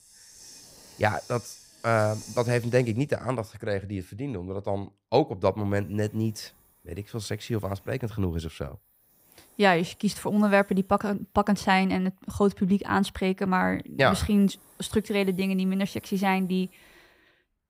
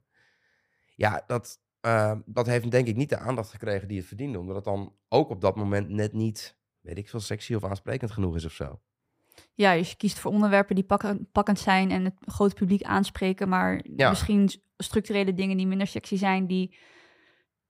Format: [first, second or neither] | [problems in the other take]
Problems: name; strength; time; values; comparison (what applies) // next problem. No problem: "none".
second | hiss; faint; throughout; 25 dB below the speech